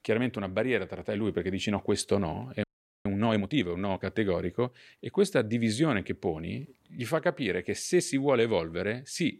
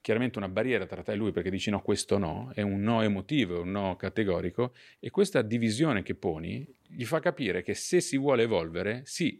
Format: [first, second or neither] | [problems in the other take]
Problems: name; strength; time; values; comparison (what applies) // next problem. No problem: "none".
second | audio freezing; at 2.5 s